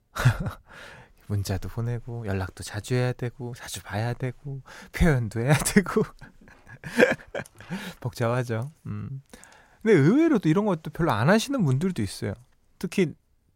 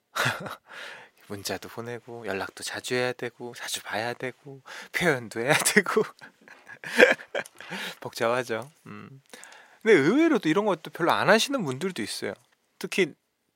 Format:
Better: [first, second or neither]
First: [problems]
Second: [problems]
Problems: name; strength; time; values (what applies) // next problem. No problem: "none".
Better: first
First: none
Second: thin; somewhat; fading below 350 Hz